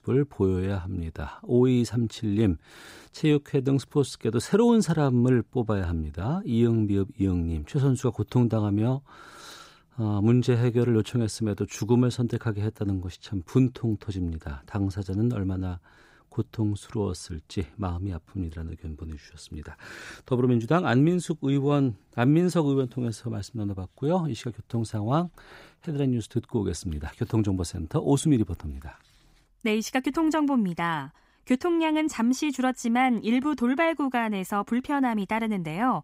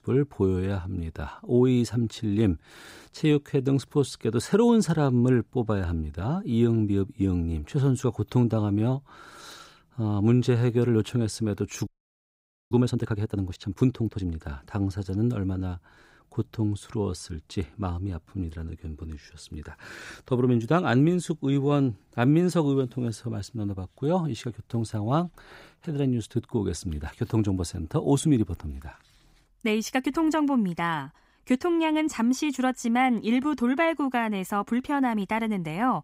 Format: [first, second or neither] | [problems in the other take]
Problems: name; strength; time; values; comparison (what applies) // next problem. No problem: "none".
first | audio freezing; at 12 s for 1 s